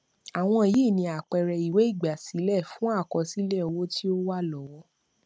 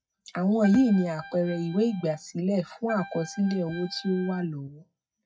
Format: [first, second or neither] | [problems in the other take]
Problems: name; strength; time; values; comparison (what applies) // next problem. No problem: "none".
first | noise reduction (classical method WPE with log-MMSE)